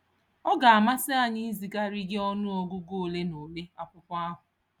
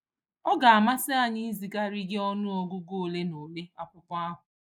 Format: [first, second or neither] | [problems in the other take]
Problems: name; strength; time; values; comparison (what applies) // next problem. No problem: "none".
first | noise reduction (neural mask model Resemble Enhance denoiser)